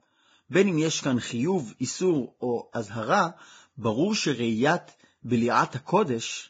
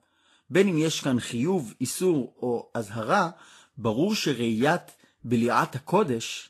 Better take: second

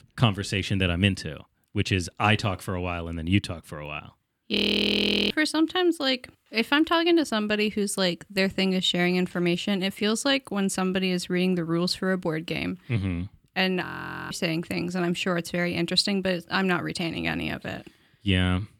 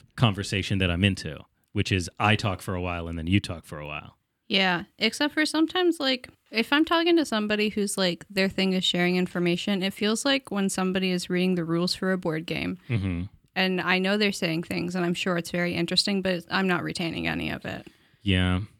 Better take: second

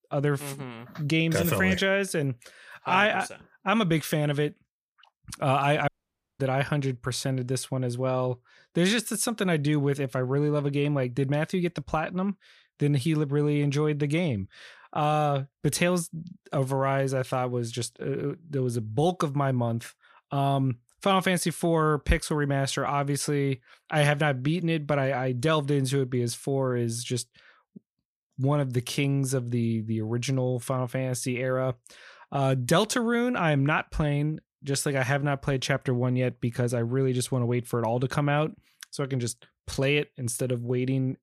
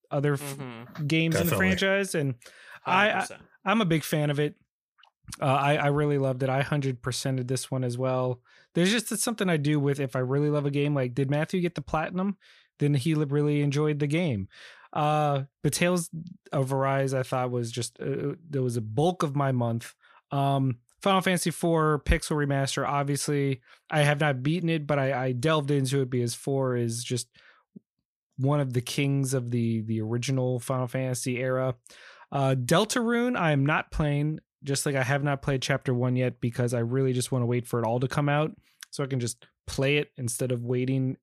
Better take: second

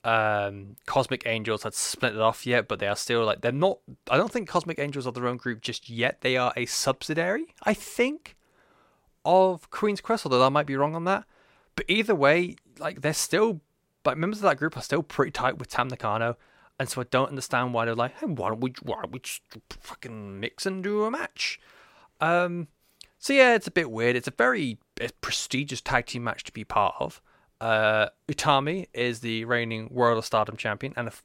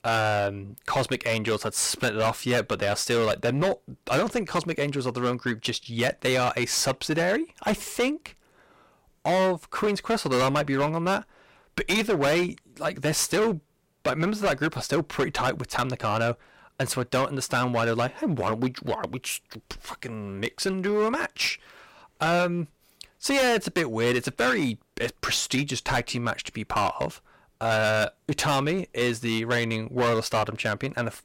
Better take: first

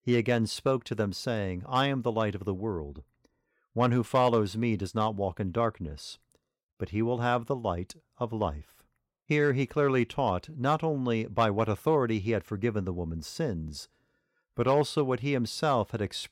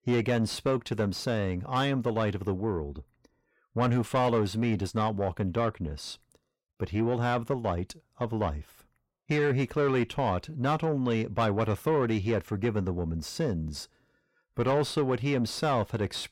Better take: first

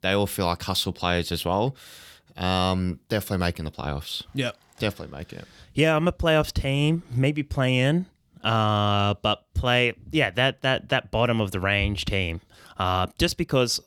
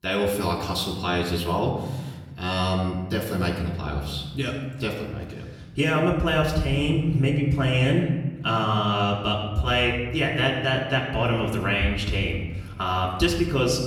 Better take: first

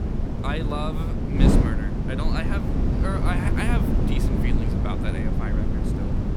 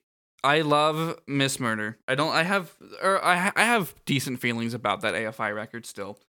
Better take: second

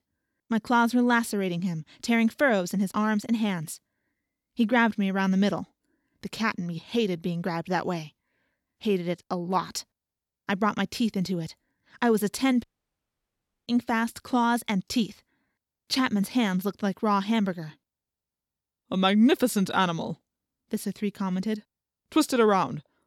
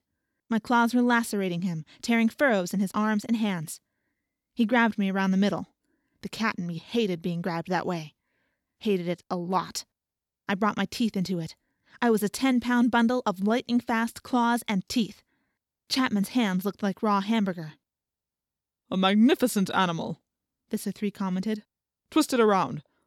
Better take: second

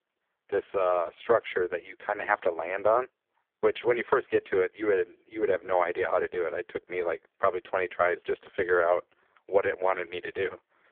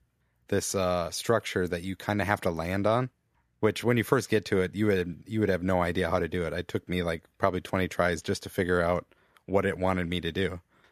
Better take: second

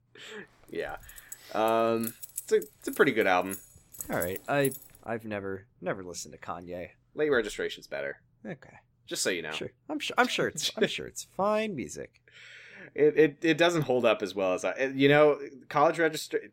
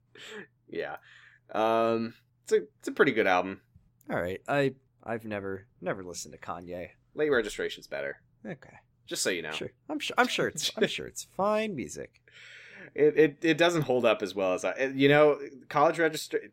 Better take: second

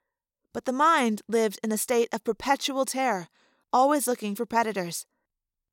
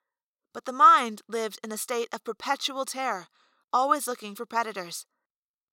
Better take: first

